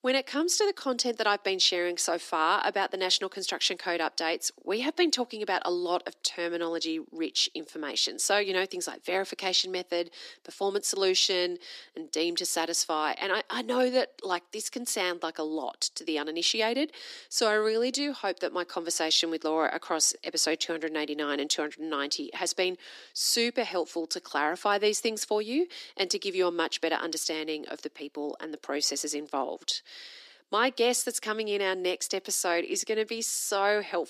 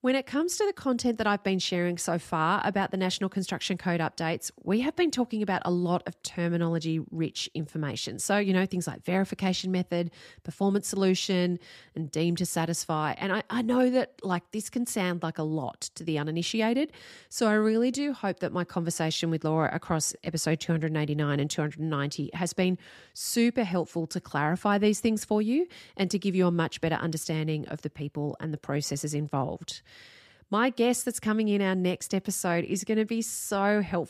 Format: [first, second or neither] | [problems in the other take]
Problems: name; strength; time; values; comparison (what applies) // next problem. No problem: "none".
second | thin; somewhat; fading below 300 Hz